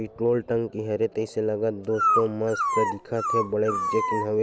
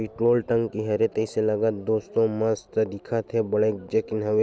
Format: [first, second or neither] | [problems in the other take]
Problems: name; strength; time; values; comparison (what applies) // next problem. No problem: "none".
second | background sound (Dog); 1 dB below the speech